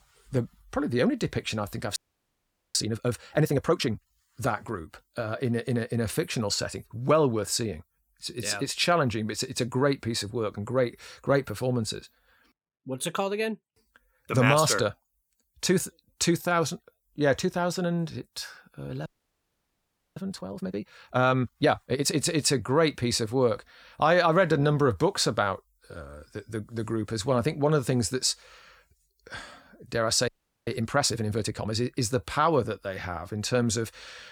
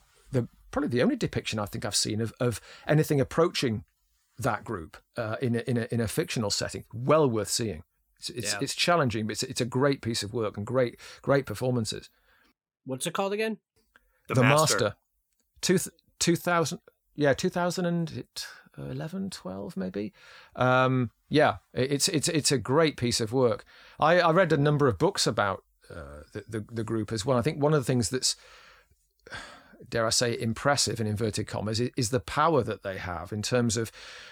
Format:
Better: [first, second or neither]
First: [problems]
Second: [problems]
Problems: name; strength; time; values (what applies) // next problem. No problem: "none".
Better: second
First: audio freezing; at 2 s for 1 s, at 19 s for 1 s and at 30 s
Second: none